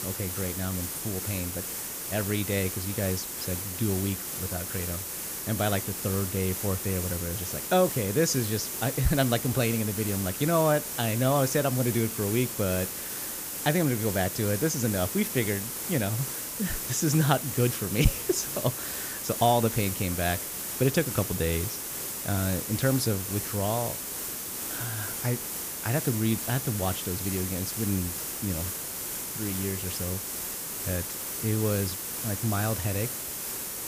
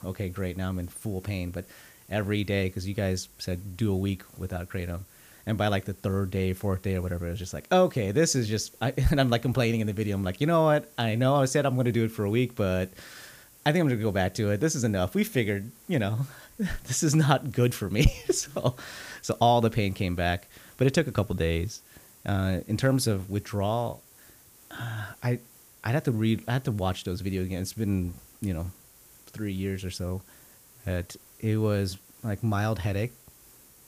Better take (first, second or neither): second